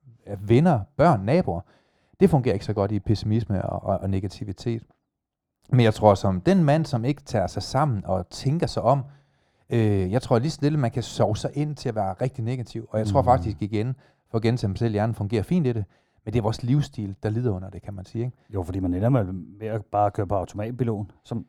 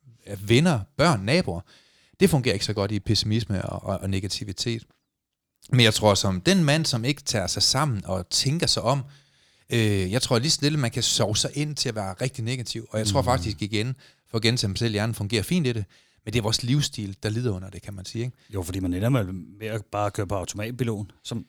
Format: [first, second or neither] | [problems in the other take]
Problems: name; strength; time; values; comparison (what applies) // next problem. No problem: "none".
second | muffled; very; fading above 2 kHz